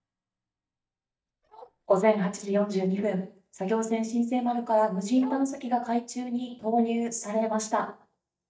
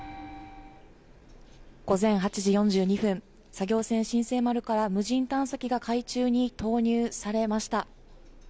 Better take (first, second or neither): second